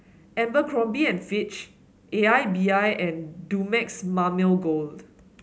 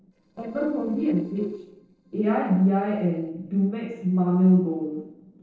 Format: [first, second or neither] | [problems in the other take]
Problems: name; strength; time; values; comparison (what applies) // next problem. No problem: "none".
first | noise reduction (neural separator model SepFormer DNS4)